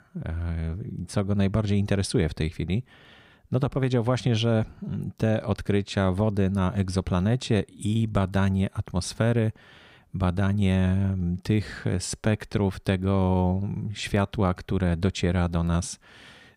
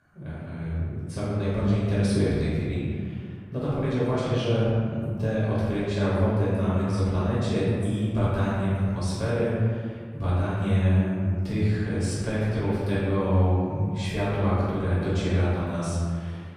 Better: first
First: none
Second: off-mic speech; far // room echo; strong; dies away in 1.9 s

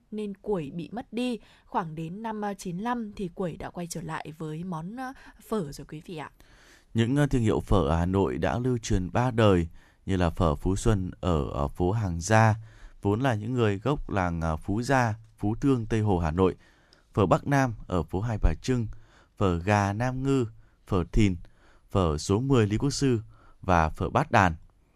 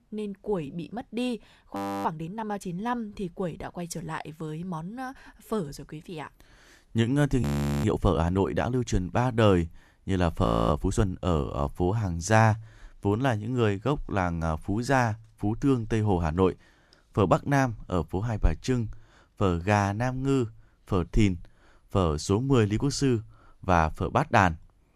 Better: first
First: none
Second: audio freezing; at 2 s, at 7.5 s and at 10 s

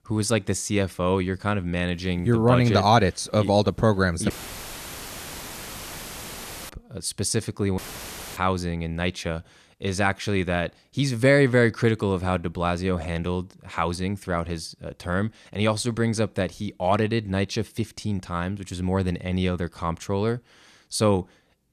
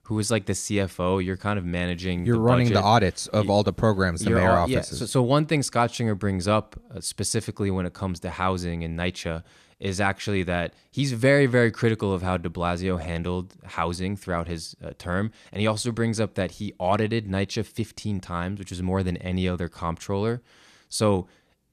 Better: second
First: audio cutting out; filled with static; at 4.5 s for 2.5 s and at 8 s for 0.5 s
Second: none

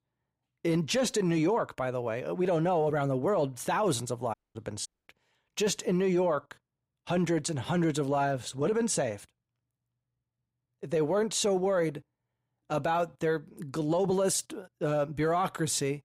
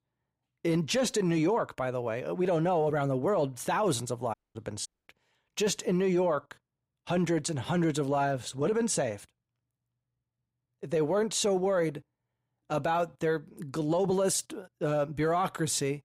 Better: neither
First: audio cutting out; at 4.5 s and at 5 s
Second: audio cutting out; at 4.5 s and at 5 s

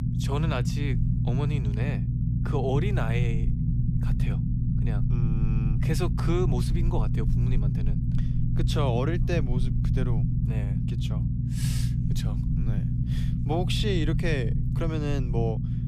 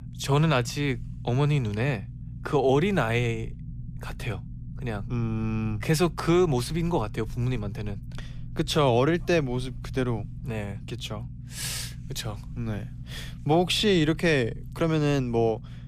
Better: second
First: low rumble; loud; throughout; 4 dB below the speech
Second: low rumble; faint; throughout; 25 dB below the speech

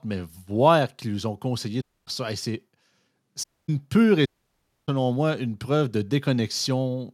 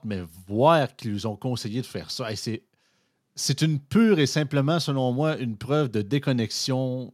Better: second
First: audio cutting out; at 2 s, at 3.5 s and at 4.5 s for 0.5 s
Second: none

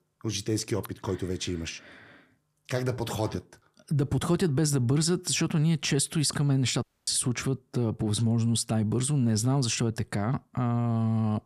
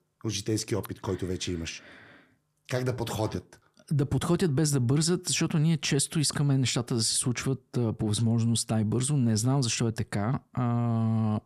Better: second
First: audio cutting out; at 7 s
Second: none

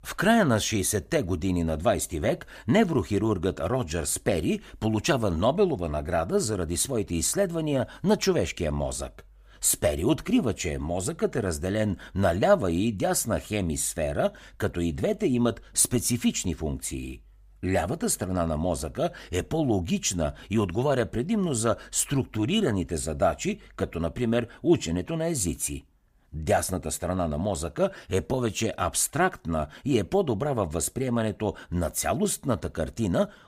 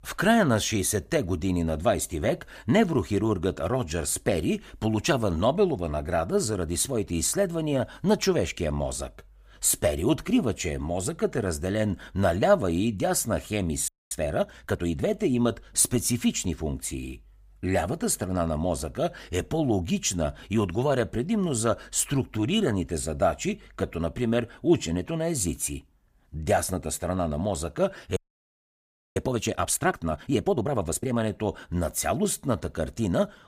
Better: first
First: none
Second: audio freezing; at 14 s and at 28 s for 1 s

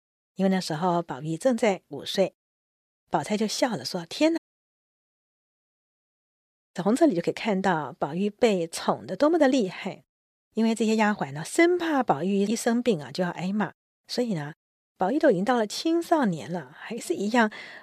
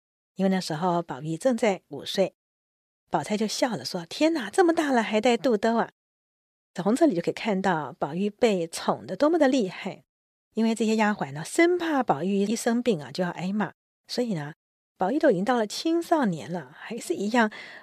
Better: second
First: audio cutting out; at 4.5 s for 2 s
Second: none

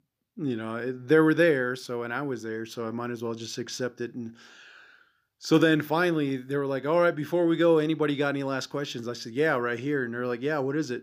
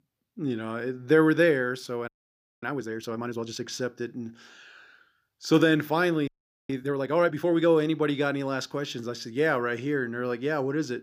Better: first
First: none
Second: audio freezing; at 2 s for 0.5 s and at 6.5 s

